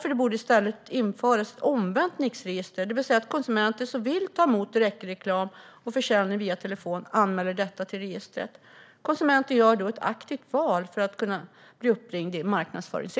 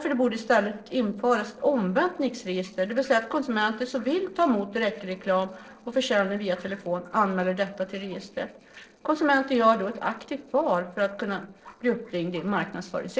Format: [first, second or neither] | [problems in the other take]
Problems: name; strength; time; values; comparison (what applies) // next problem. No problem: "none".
first | noise reduction (neural separator model SepFormer DNS4)